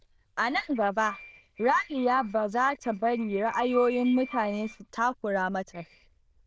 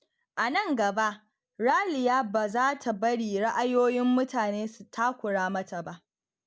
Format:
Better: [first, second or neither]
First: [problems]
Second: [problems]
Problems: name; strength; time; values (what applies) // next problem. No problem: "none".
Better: second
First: noise reduction (neural diffusion model UNIVERSE++)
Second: none